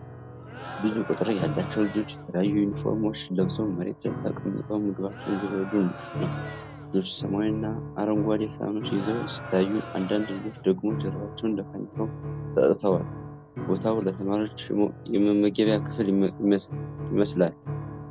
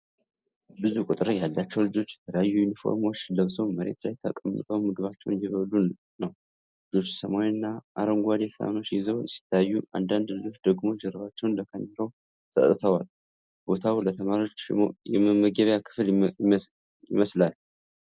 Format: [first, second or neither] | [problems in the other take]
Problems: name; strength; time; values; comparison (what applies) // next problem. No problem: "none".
second | background sound (Piano + Crowd); 9 dB below the speech